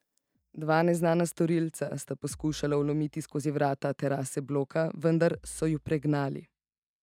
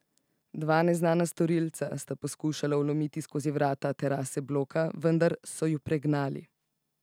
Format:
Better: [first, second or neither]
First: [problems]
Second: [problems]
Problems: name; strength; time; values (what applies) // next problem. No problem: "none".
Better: second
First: noise reduction (neural mask model DeepFilterNet 3)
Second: none